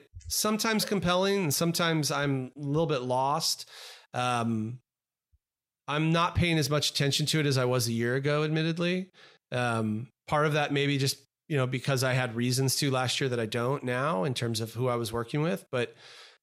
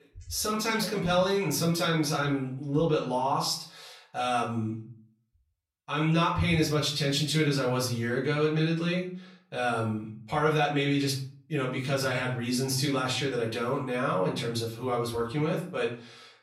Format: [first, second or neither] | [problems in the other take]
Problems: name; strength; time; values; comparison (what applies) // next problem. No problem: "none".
first | off-mic speech; far // room echo; slight; dies away in 0.4 s